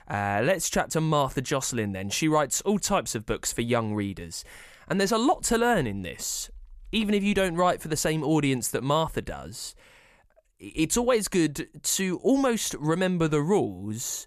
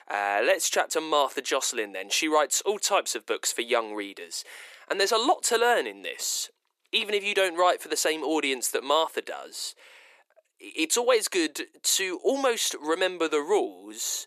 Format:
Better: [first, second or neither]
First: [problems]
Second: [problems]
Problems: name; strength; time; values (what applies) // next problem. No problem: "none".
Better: first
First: none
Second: thin; very; fading below 350 Hz